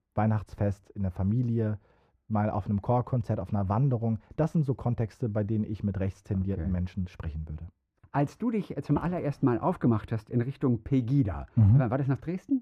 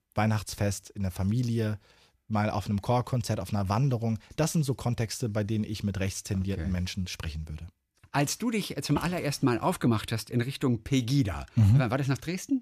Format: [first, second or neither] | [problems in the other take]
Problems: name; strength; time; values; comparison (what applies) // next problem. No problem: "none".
second | muffled; very; fading above 2.5 kHz